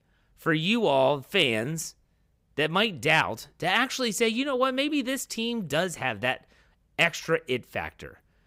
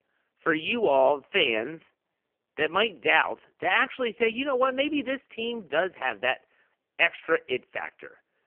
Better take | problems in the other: first | phone-call audio; poor line; nothing above 3 kHz

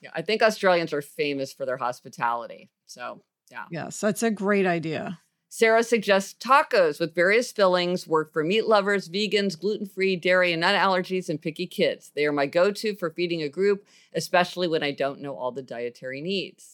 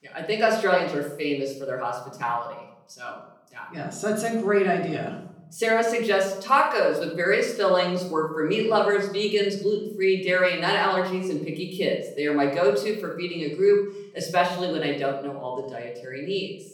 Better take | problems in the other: first | off-mic speech; far // room echo; noticeable; dies away in 0.6 s

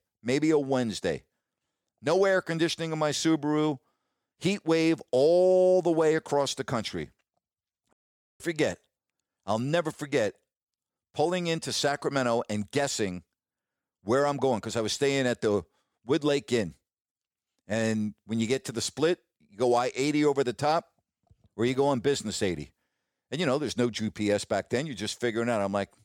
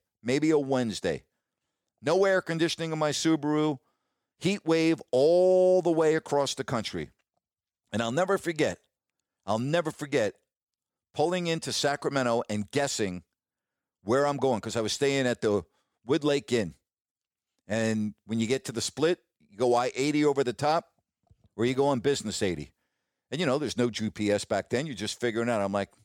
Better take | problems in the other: second | audio cutting out; at 8 s

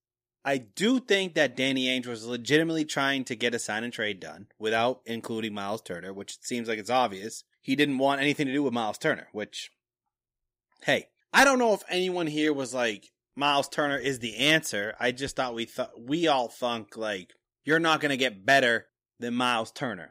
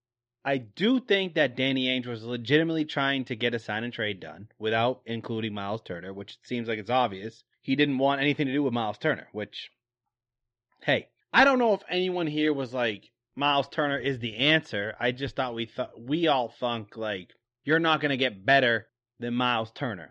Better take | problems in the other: first | muffled; slightly; fading above 3.5 kHz

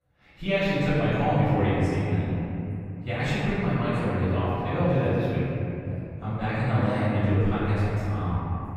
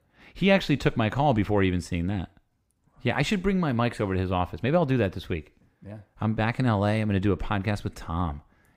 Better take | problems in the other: second | room echo; strong; dies away in 3 s // off-mic speech; far

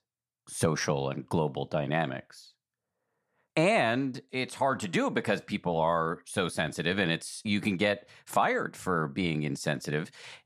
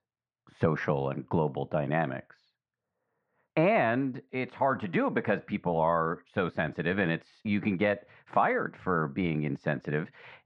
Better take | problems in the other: first | muffled; very; fading above 2.5 kHz

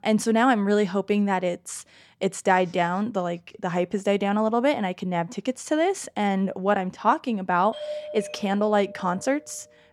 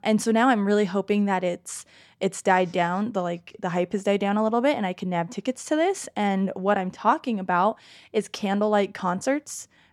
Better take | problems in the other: second | doorbell; noticeable; from 7.5 to 9.5 s; peak 9 dB below the speech

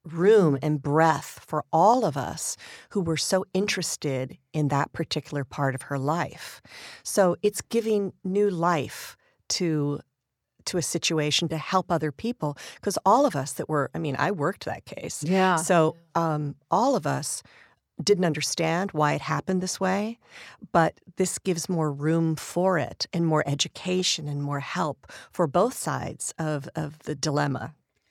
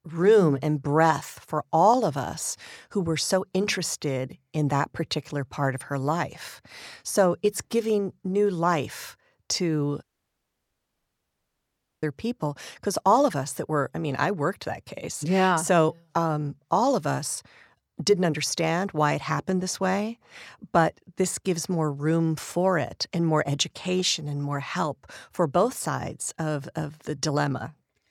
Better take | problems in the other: first | audio cutting out; at 10 s for 2 s

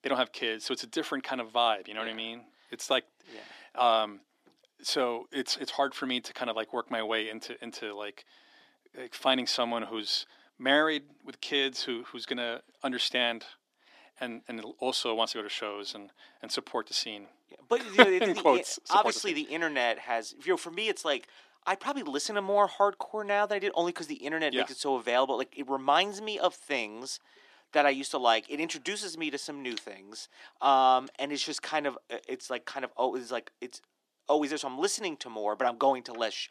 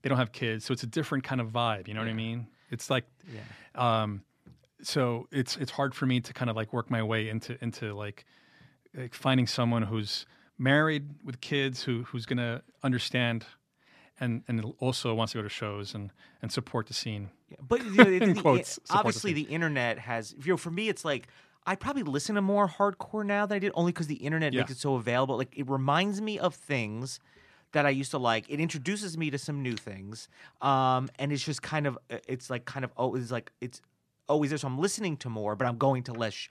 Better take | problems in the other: second | thin; somewhat; fading below 300 Hz

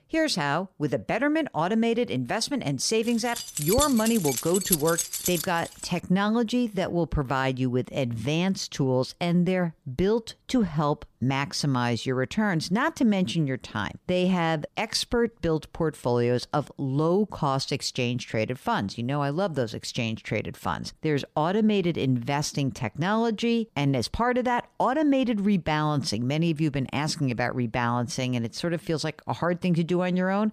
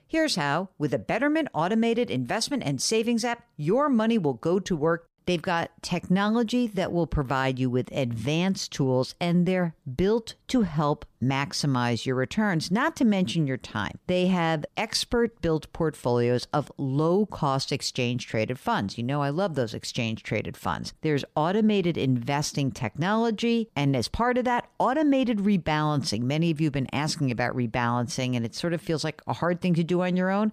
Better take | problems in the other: second | jangling keys; loud; from 3.5 to 6 s; peak 1 dB above the speech

